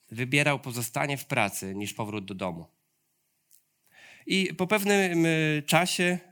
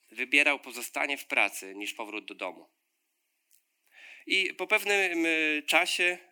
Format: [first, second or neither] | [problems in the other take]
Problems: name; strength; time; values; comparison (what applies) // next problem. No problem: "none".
first | thin; somewhat; fading below 300 Hz